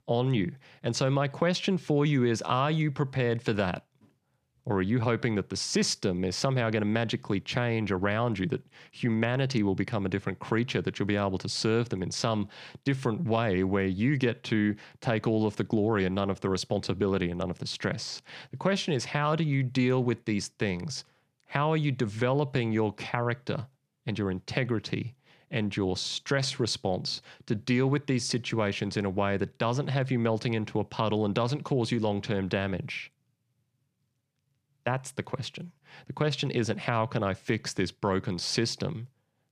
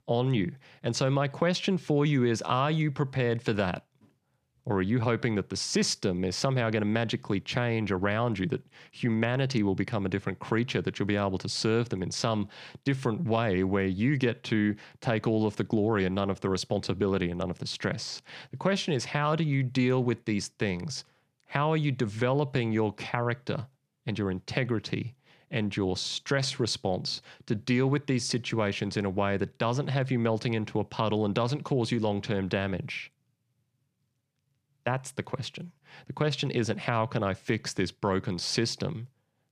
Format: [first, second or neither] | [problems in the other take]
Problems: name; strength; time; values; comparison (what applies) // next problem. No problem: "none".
neither | none